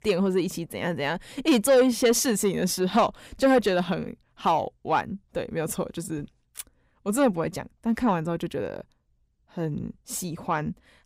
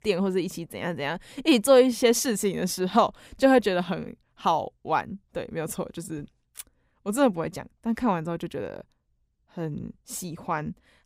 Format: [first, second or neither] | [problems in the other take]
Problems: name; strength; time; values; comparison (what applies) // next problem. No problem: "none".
second | distortion; slight; 10 dB below the speech